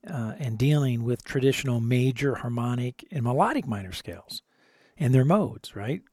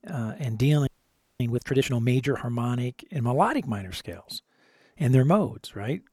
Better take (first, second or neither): first